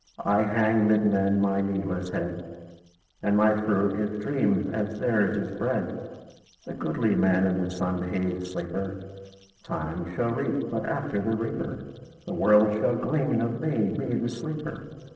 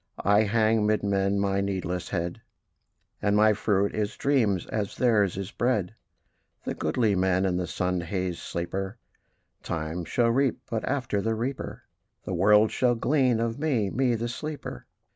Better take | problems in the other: second | noise reduction (neural separator model SepFormer DNS4)

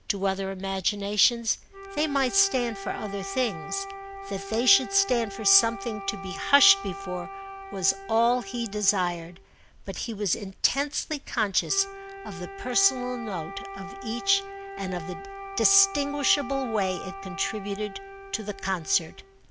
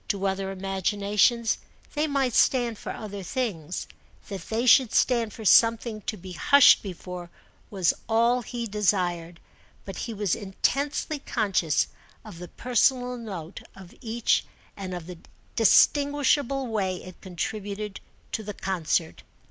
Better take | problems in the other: second | background sound (Wind instrument, woodwind instrument); 12 dB below the speech

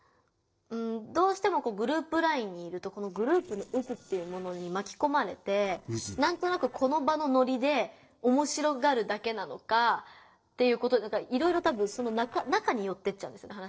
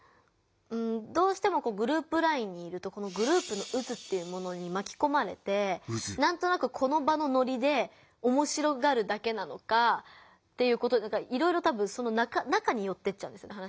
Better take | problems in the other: second | noise reduction (neural separator model SepFormer DNS4)

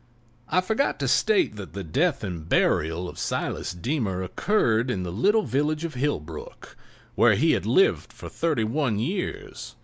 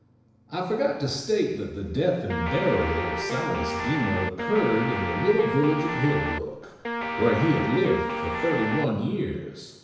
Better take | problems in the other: first | background sound (Guitar); 3 dB below the speech // room echo; dies away in 1 s

